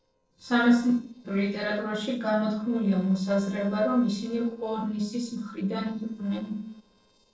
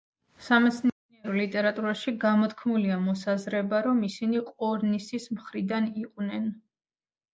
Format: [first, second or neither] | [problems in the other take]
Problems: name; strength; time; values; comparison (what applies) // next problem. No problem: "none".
second | noise reduction (neural separator model SepFormer DNS4)